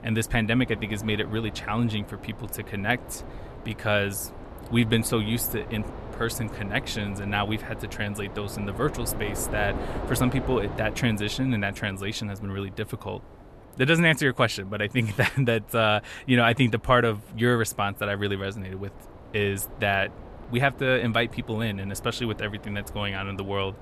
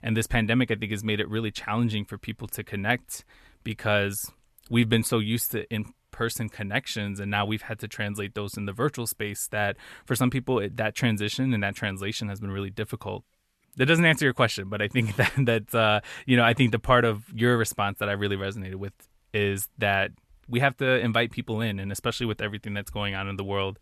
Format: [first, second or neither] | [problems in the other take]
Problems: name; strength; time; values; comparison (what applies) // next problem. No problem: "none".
second | wind noise on the microphone; occasional gusts; 15 dB below the speech